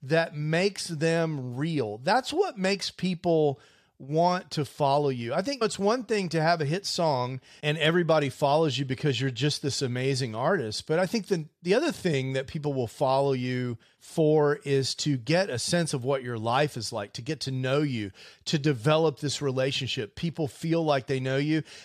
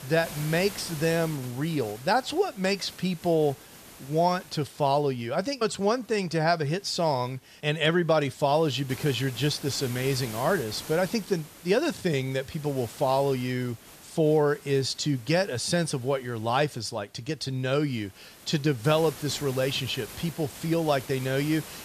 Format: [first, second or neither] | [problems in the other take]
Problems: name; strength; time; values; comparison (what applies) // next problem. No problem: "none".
first | hiss; noticeable; throughout; 15 dB below the speech